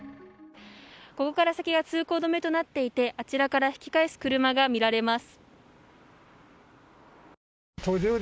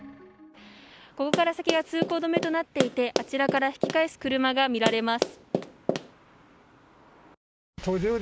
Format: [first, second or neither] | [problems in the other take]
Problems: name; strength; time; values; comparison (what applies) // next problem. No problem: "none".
first | background sound (Run); 2 dB below the speech